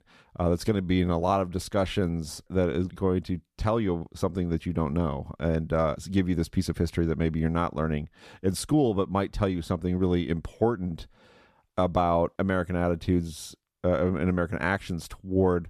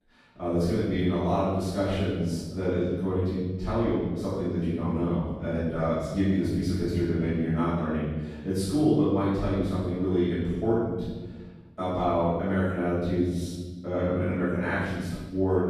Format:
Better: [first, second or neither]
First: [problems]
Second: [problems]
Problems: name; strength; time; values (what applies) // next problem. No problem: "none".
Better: first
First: none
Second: room echo; strong; dies away in 1.2 s // off-mic speech; far